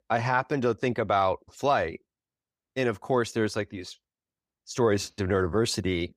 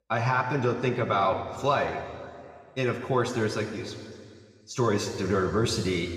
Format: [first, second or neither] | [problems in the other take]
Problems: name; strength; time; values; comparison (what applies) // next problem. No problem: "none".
first | room echo; noticeable; dies away in 2 s // off-mic speech; somewhat distant